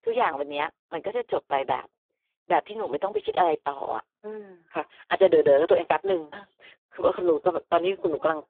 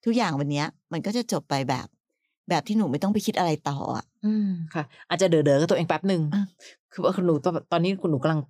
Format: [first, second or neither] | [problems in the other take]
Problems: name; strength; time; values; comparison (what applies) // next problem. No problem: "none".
second | phone-call audio; poor line